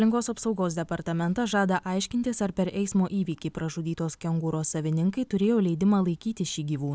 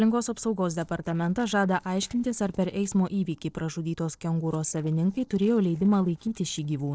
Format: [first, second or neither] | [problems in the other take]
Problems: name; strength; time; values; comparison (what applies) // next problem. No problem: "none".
first | noise reduction (neural separator model SepFormer DNS4)